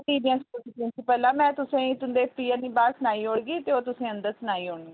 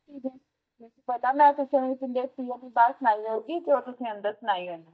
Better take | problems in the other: first | noise reduction (neural mask model DeepFilterNet 3)

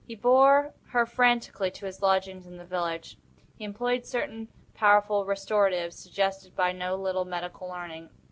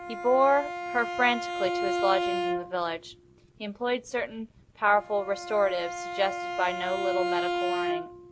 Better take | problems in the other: first | background sound (Bowed string instrument); 4 dB below the speech

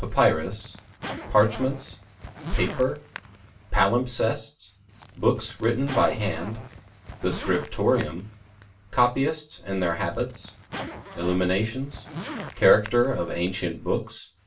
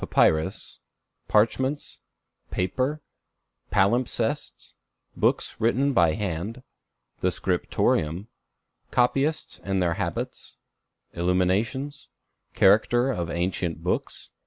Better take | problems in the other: second | background sound (Zipper (clothing)); 14 dB below the speech // room echo; dies away in 0.2 s

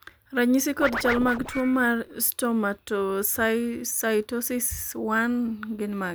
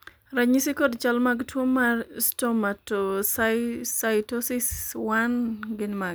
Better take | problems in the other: second | background sound (Scratching (performance technique)); 8 dB below the speech

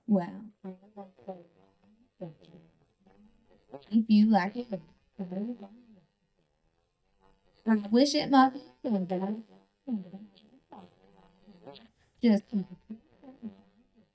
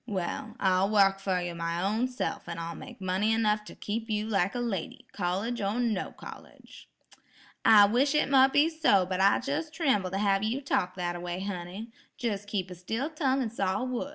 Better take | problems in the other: second | noise reduction (neural mask model DeepFilterNet 3)

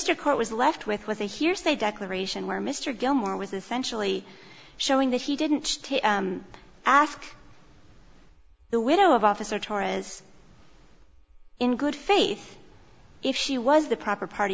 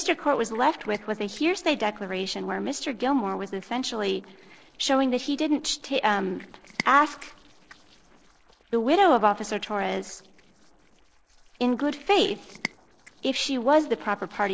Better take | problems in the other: first | noise reduction (neural separator model SepFormer DNS4)

